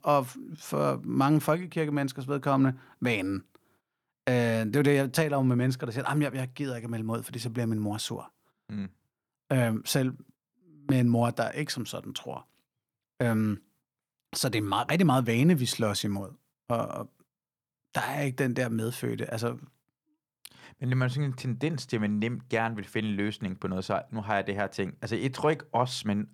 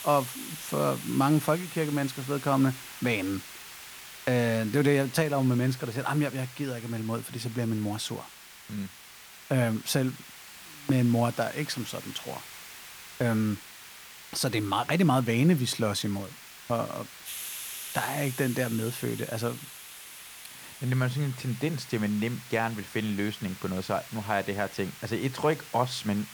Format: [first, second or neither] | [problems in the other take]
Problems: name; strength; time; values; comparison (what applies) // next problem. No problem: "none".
first | hiss; noticeable; throughout; 15 dB below the speech